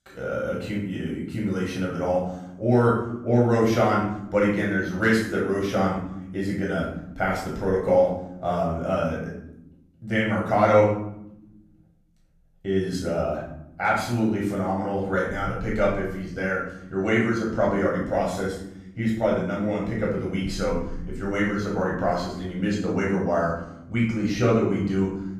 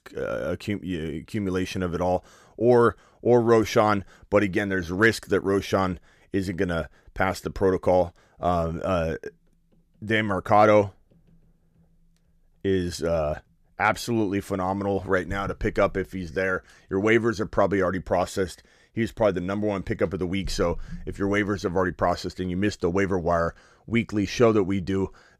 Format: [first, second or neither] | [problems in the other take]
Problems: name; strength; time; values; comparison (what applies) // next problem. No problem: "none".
second | room echo; noticeable; dies away in 0.7 s // off-mic speech; far